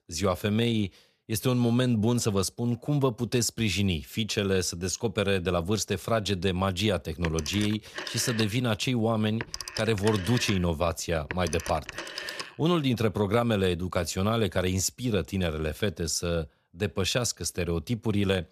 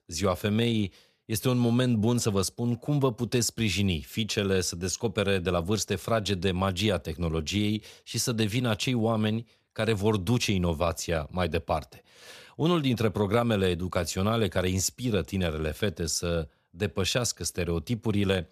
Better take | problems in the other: second | phone ringing; noticeable; from 7 to 12 s; peak 6 dB below the speech

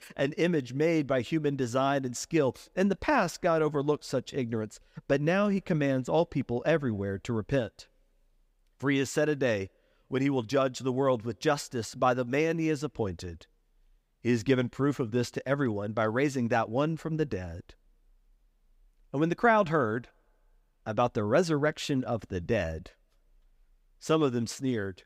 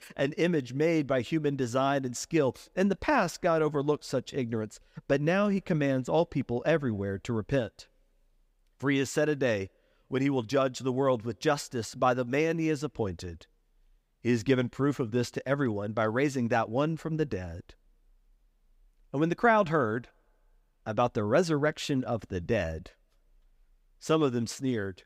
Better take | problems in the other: neither | none

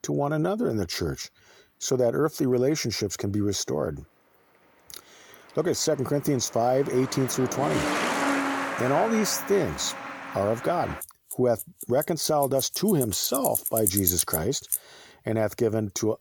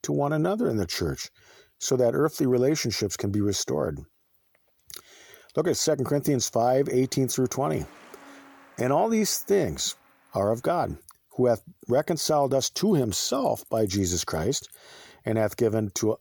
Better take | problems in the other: second | traffic noise; loud; throughout; 4 dB below the speech; faint in the second

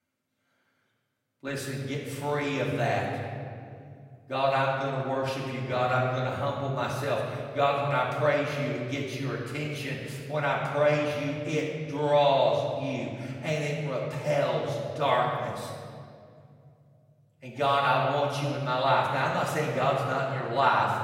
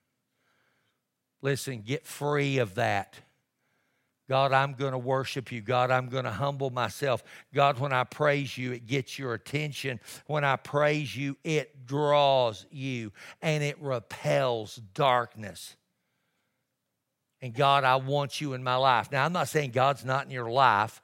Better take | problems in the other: second | off-mic speech; far // room echo; noticeable; dies away in 2 s

